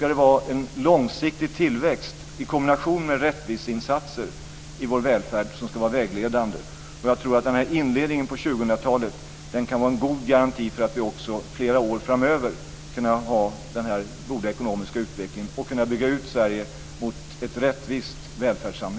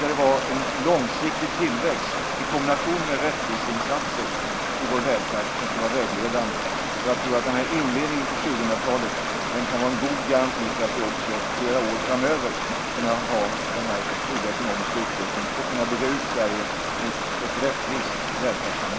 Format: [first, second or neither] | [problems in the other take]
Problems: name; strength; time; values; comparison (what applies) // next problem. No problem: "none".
first | background sound (Stream); as loud as the speech